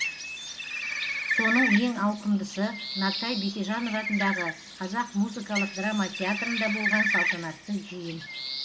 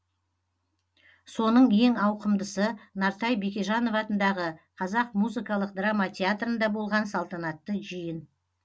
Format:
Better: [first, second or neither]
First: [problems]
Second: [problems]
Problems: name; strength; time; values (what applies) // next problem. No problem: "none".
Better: second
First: background sound (Bird); 2 dB below the speech // room echo; dies away in 0.5 s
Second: none